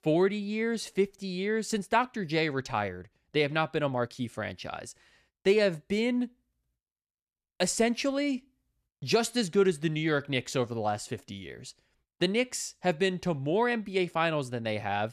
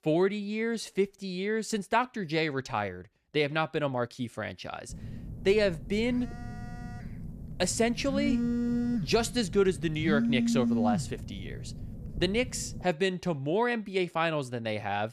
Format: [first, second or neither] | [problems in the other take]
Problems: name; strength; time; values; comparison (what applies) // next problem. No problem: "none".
first | phone ringing; loud; from 5 to 13 s; peak 3 dB above the speech